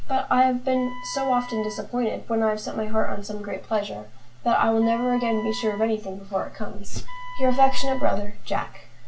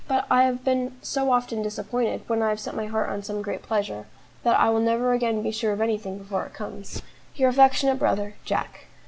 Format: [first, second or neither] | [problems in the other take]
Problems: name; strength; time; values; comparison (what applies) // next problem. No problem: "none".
second | background sound (Wind instrument, woodwind instrument); 19 dB below the speech // room echo; dies away in 0.2 s